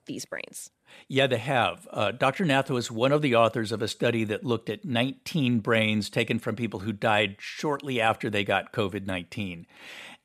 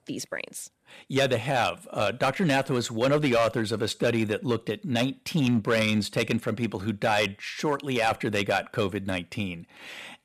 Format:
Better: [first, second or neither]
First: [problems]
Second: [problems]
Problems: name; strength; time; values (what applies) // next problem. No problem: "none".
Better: first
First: none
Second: distortion; slight; 4% of the sound clipped